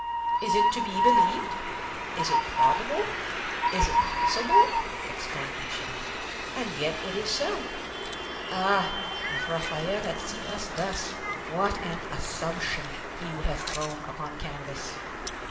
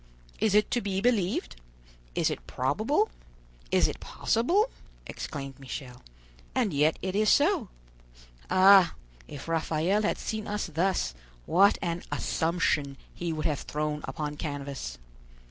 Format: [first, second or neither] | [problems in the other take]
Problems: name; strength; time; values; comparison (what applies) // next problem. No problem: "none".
second | background sound (Train); 3 dB above the speech // room echo; dies away in 2.5 s